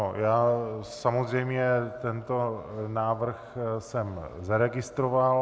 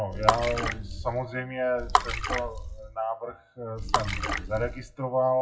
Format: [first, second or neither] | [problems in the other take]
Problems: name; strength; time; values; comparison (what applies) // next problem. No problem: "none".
first | noise reduction (classical method WPE with log-MMSE)